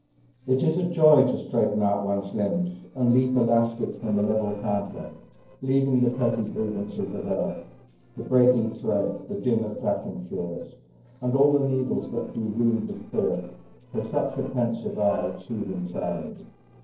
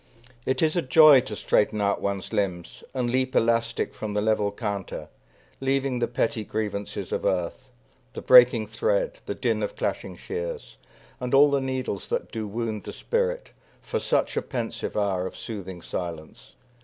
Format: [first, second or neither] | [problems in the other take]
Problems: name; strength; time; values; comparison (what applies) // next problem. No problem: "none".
second | noise reduction (neural separator model SepFormer DNS4)